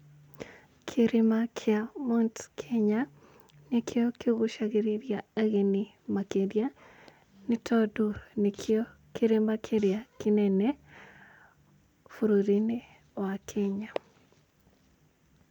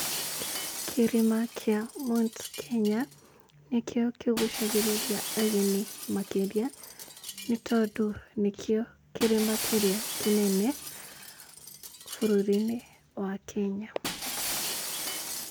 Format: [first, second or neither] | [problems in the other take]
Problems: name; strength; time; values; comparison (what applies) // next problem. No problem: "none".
first | background sound (Shatter); 8 dB below the speech